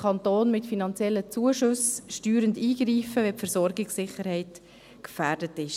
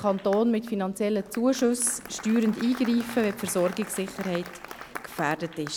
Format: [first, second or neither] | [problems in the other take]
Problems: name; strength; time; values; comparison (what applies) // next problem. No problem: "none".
first | background sound (Applause); 16 dB below the speech